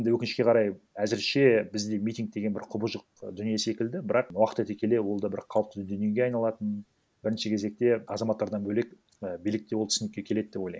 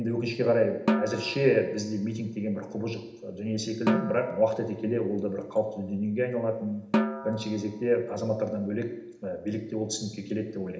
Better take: first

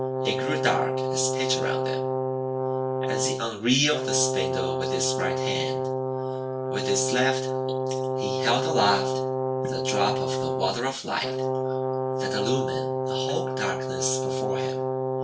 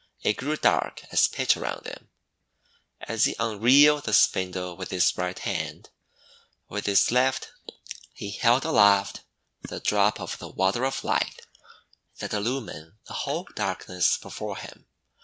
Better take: second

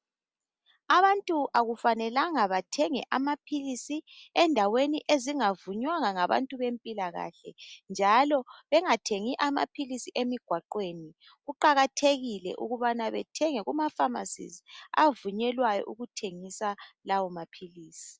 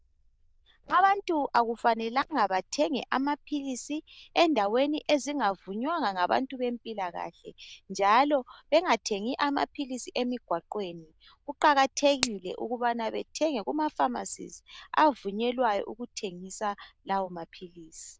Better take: first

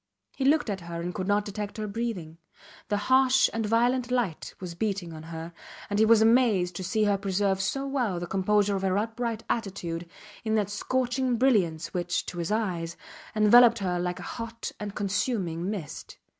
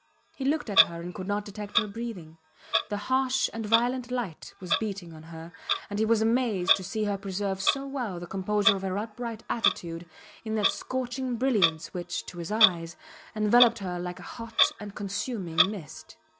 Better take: first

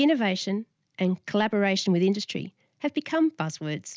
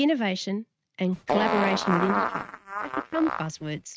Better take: first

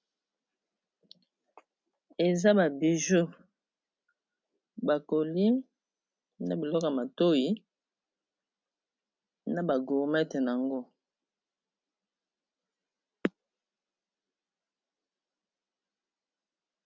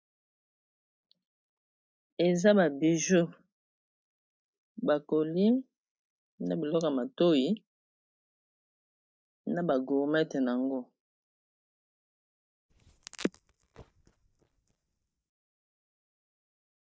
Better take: first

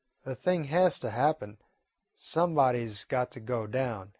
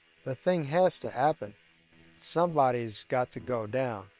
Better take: first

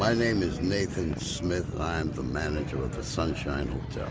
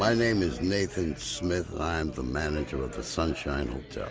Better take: second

